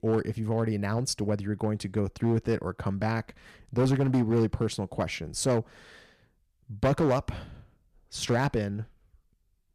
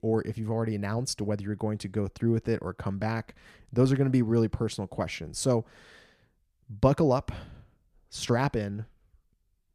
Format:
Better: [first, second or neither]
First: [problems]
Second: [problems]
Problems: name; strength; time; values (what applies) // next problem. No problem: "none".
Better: second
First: distortion; slight; 4% of the sound clipped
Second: none